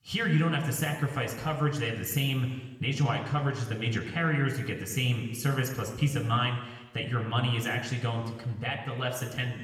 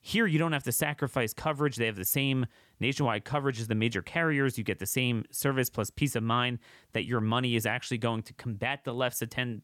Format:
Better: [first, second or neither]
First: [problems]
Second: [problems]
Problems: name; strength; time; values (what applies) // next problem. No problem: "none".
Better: second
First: room echo; slight; dies away in 1.1 s // off-mic speech; somewhat distant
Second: none